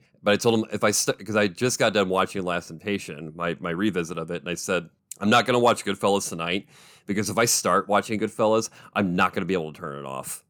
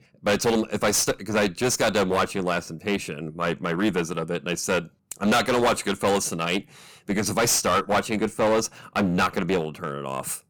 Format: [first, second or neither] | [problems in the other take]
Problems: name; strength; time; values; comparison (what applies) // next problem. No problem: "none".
first | distortion; heavy; 11% of the sound clipped